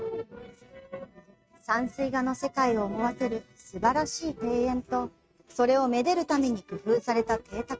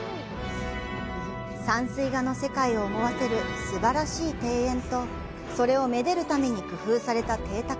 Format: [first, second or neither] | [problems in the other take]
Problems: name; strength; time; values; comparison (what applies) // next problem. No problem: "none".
second | noise reduction (neural mask model RNNoise)